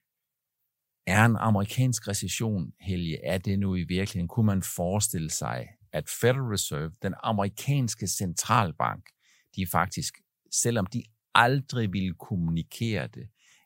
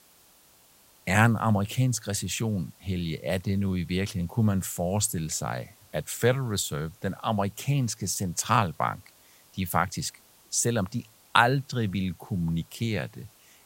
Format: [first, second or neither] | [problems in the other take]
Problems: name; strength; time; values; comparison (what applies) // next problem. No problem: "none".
first | hiss; faint; throughout; 30 dB below the speech